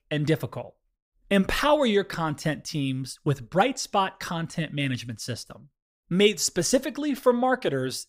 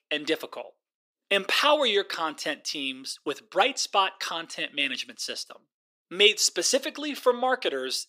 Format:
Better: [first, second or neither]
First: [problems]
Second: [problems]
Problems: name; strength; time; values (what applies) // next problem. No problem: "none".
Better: first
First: none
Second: thin; somewhat; fading below 300 Hz